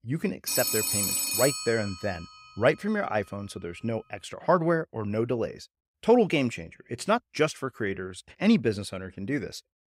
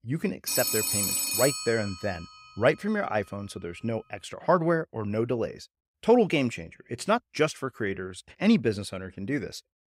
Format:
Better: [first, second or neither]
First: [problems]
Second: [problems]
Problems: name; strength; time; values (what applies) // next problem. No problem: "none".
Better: neither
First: phone ringing; loud; until 2 s; peak 3 dB above the speech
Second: phone ringing; loud; until 2 s; peak 3 dB above the speech